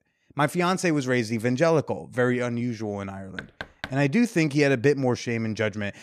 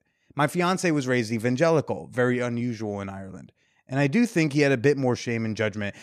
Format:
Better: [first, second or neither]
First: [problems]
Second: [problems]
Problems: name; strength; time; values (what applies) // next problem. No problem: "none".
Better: second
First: door banging; faint; at 3.5 s; peak 15 dB below the speech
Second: none